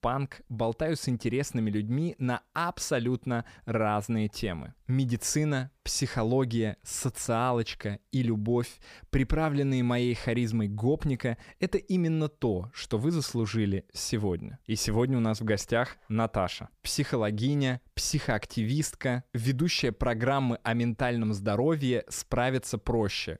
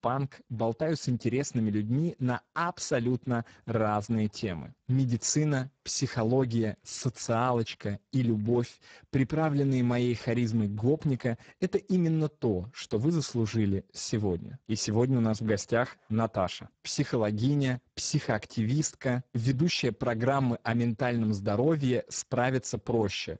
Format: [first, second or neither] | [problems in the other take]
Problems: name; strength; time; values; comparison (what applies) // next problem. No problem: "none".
first | garbled, watery; badly; nothing above 7.5 kHz